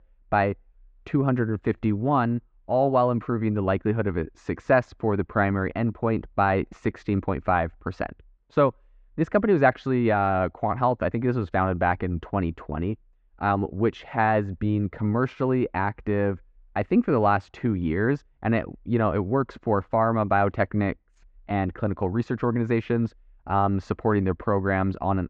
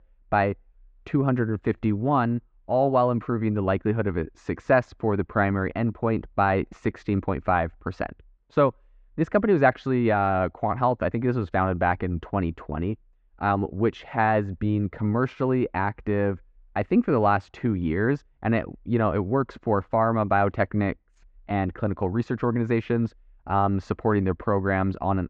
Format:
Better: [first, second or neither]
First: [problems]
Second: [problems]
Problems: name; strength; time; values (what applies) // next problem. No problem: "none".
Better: neither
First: muffled; very; fading above 2 kHz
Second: muffled; very; fading above 2 kHz